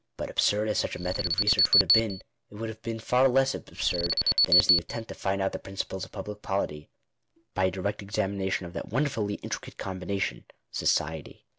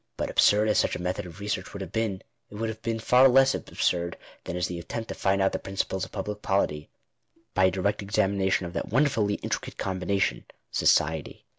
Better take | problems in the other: second | background sound (Alarm); 4 dB above the speech

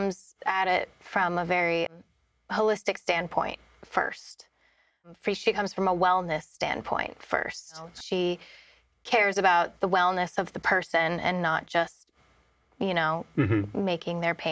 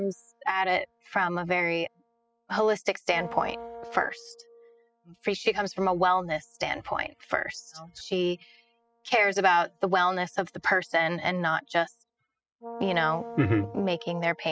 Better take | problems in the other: first | noise reduction (classical method spectral subtraction)

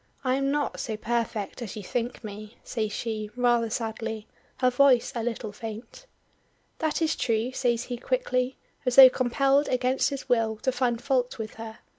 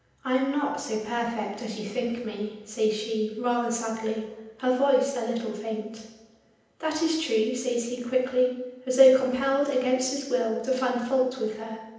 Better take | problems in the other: first | room echo; dies away in 0.9 s

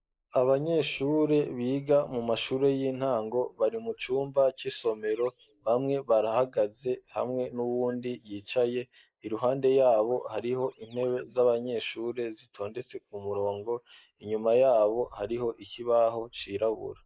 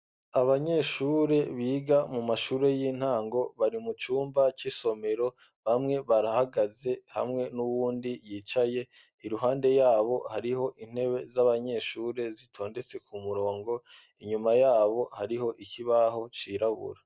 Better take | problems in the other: second | noise reduction (neural mask model Resemble Enhance denoiser)

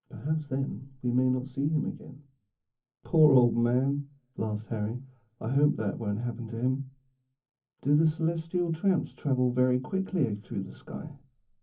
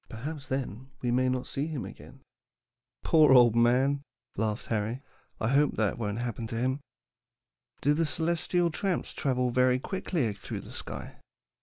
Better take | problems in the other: second | room echo; dies away in 0.3 s

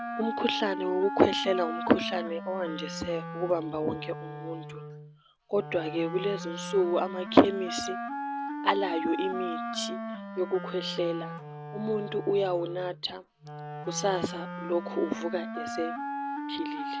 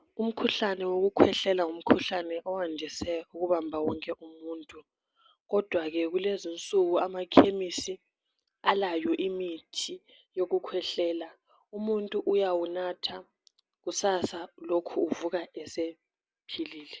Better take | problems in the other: second | background sound (Wind instrument, woodwind instrument); 6 dB below the speech

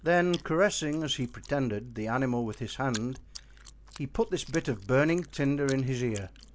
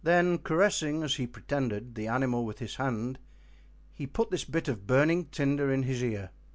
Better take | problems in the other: second | background sound (Chewing, mastication); 20 dB below the speech

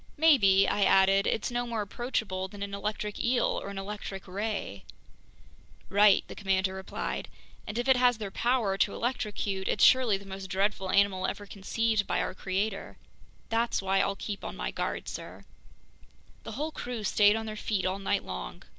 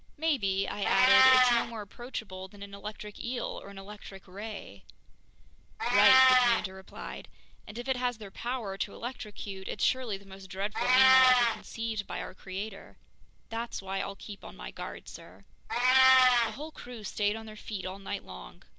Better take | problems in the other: first | background sound (Meow); 3 dB above the speech

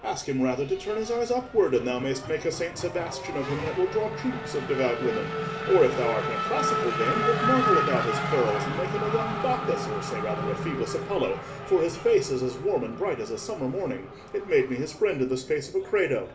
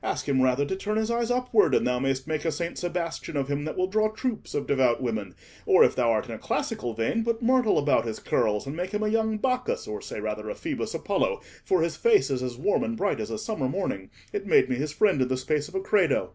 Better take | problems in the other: second | background sound (Race car, auto racing / Accelerating, revving, vroom); 4 dB below the speech // room echo; dies away in 0.5 s

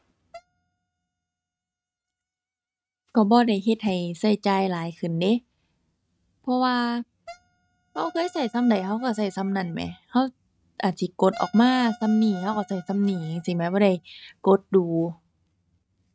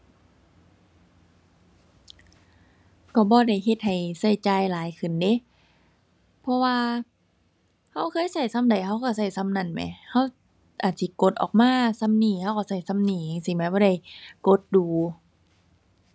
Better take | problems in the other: second | noise reduction (neural mask model RNNoise)

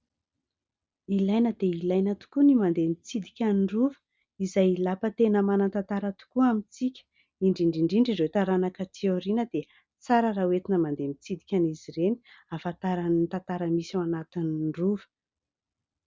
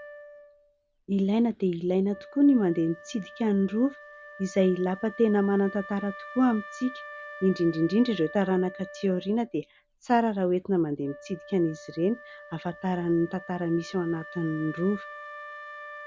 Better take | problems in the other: first | background sound (Wind instrument, woodwind instrument); 17 dB below the speech

